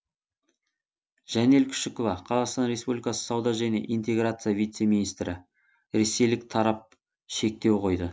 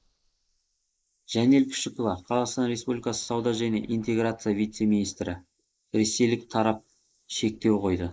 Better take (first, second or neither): first